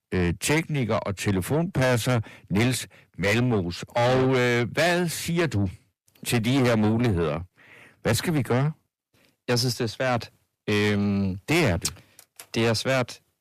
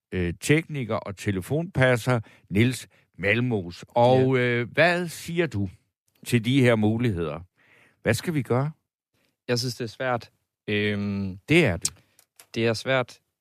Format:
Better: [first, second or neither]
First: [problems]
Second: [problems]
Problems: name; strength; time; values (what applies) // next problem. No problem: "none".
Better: second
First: distortion; heavy; 6 dB below the speech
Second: none